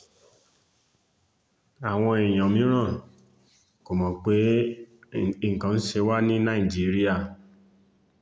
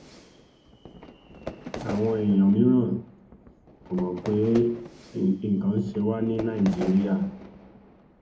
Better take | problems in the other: first | background sound (Fire / Fireworks); 15 dB below the speech // room echo; dies away in 0.3 s

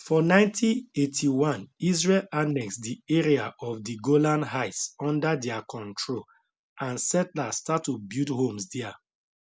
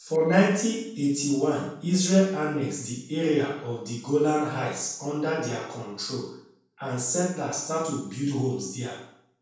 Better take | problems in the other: first | noise reduction (neural separator model SepFormer DNS4)

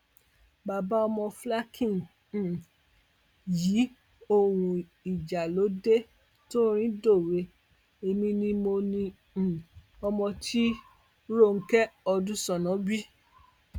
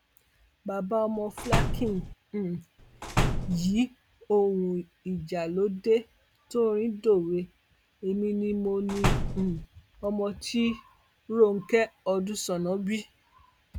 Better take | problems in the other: first | background sound (Slam); as loud as the speech

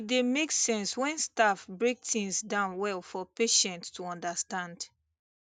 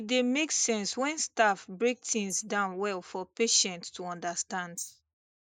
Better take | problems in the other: first | noise reduction (neural mask model Resemble Enhance denoiser)

